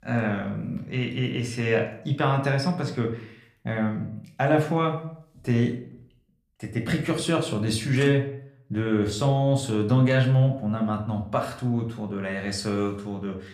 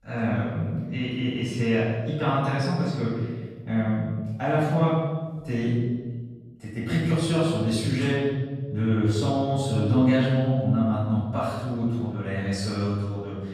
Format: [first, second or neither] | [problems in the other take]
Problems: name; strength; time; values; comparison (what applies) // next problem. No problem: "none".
first | room echo; strong; dies away in 1.4 s; slight in the first // off-mic speech; far; somewhat distant in the first